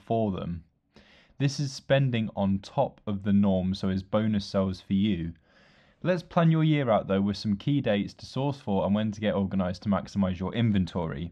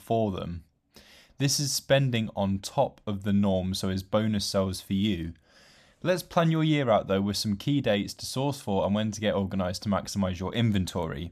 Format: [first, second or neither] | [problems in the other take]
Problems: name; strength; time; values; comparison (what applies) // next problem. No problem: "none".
second | muffled; slightly; fading above 3.5 kHz